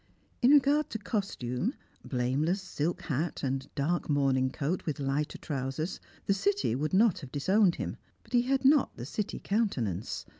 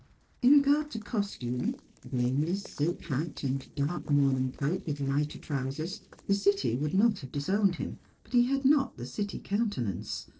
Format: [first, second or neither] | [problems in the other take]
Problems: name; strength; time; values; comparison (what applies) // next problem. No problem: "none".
first | noise reduction (neural separator model SepFormer DNS4)